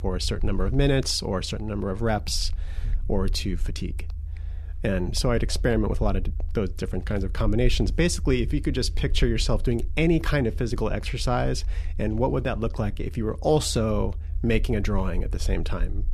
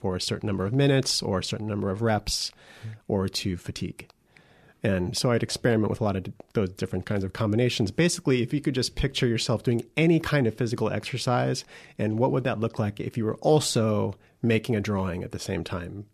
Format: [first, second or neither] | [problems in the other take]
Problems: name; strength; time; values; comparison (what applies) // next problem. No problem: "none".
second | low rumble; faint; throughout; 25 dB below the speech